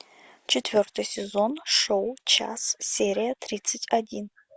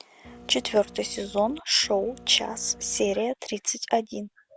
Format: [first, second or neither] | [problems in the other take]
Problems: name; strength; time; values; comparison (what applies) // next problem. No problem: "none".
first | background sound (Printer); 19 dB below the speech